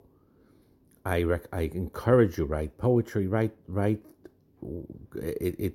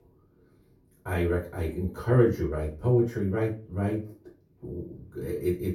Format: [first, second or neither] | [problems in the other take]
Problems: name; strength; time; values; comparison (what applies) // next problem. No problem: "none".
first | off-mic speech; far // room echo; slight; dies away in 0.3 s